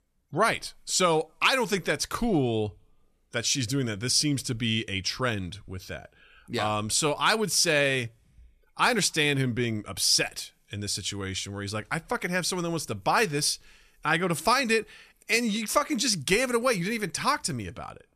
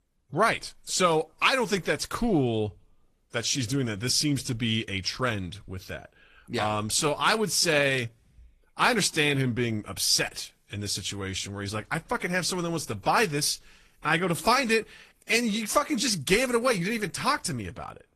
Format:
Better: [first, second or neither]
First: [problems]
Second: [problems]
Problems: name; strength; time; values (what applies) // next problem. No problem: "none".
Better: first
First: none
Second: garbled, watery; slightly; nothing above 14 kHz